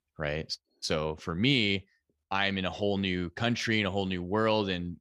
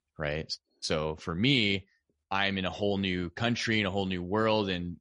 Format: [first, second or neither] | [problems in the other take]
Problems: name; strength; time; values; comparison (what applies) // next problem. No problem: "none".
first | garbled, watery; slightly; nothing above 10.5 kHz